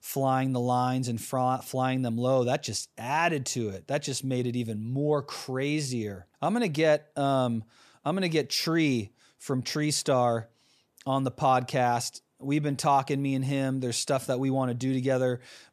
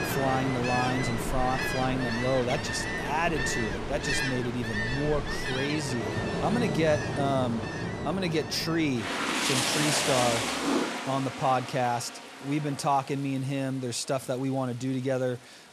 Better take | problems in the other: first | rain or running water; loud; throughout; 1 dB below the speech

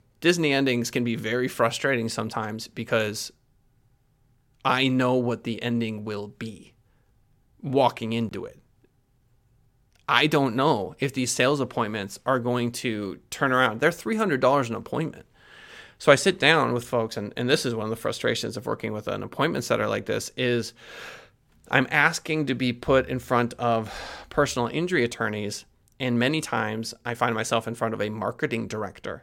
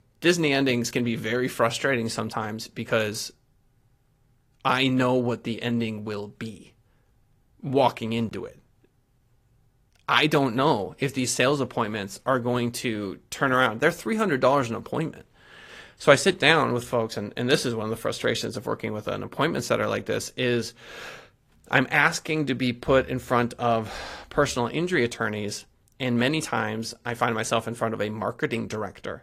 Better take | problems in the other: first | garbled, watery; slightly; nothing above 14.5 kHz

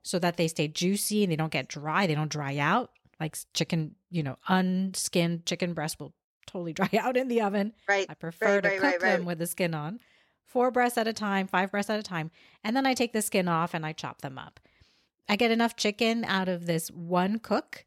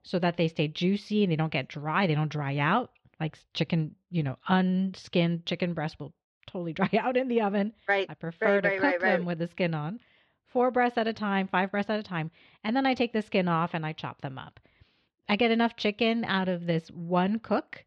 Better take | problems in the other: first | muffled; slightly; fading above 3.5 kHz

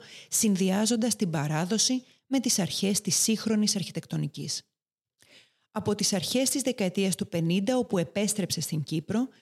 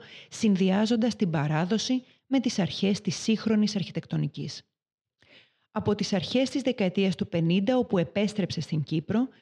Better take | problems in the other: first | muffled; slightly; fading above 4 kHz

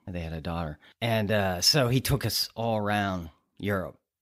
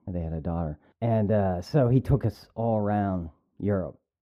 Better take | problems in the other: first | muffled; very; fading above 1.5 kHz

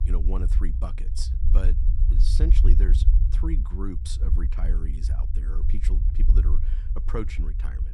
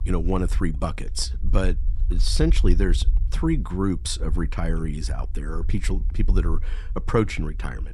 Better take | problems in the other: second | low rumble; loud; throughout; 5 dB below the speech; faint in the second

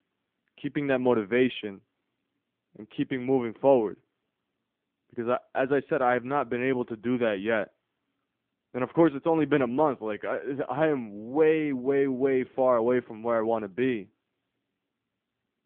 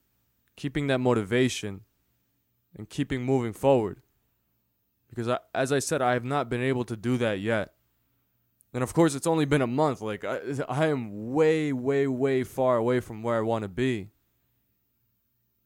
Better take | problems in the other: second | phone-call audio; nothing above 3.5 kHz

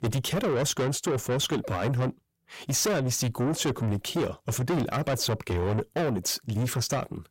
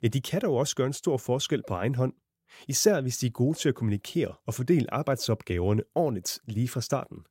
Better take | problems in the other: second | distortion; heavy; 5 dB below the speech

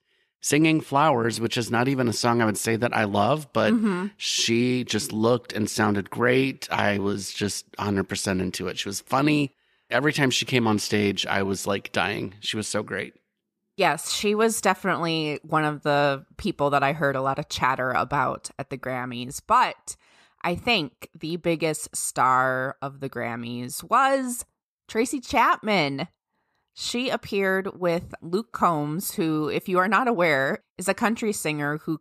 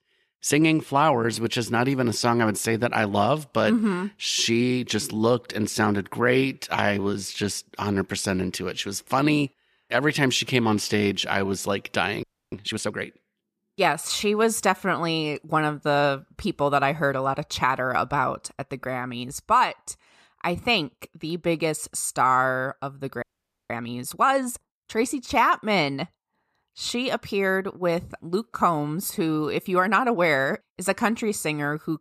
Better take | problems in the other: first | audio freezing; at 12 s and at 23 s

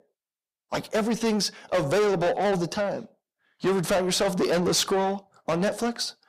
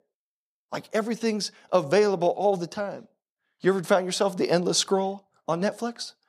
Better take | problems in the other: second | distortion; heavy; 6 dB below the speech

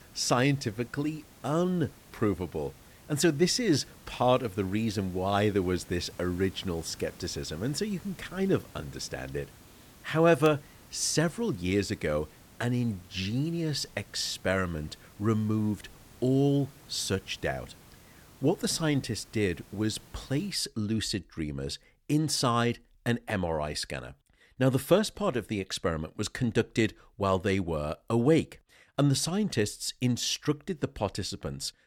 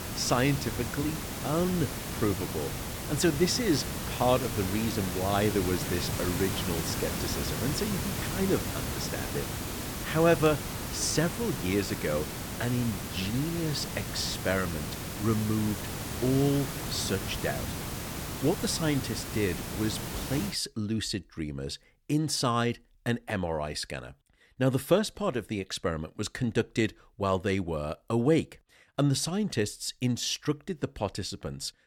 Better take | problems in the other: first | hiss; loud; until 21 s; 4 dB below the speech; faint in the first

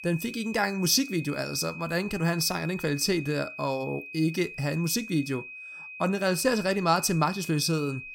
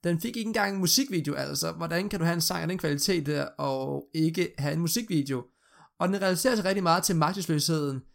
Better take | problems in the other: second | high-pitched whine; noticeable; throughout; 2.5 kHz, 10 dB below the speech

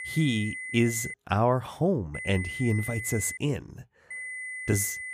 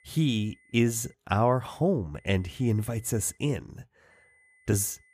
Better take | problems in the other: second | high-pitched whine; loud; until 1 s, from 2 to 3.5 s and from 4 s on; 2 kHz, 8 dB below the speech; faint in the second

